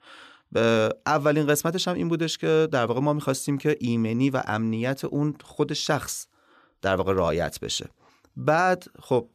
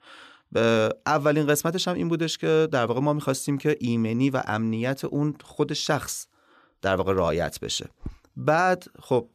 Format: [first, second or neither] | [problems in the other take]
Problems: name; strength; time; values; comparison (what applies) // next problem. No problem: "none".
first | footsteps; faint; at 8 s; peak 20 dB below the speech